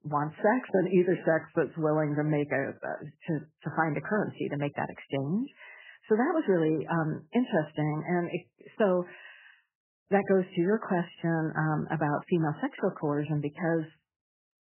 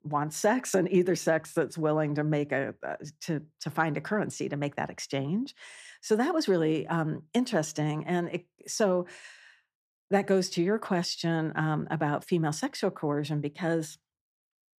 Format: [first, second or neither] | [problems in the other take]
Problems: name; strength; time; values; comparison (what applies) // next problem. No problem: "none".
second | garbled, watery; badly; nothing above 3 kHz